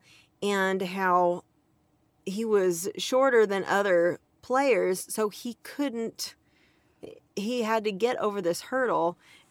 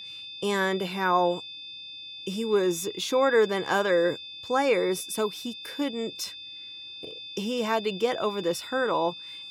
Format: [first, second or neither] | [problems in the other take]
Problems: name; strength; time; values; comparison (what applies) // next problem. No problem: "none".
first | high-pitched whine; noticeable; throughout; 3.5 kHz, 10 dB below the speech